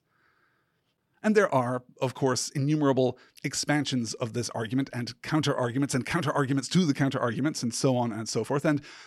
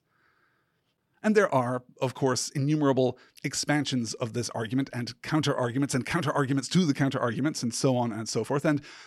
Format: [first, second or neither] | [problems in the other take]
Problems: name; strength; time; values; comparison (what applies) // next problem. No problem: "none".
neither | none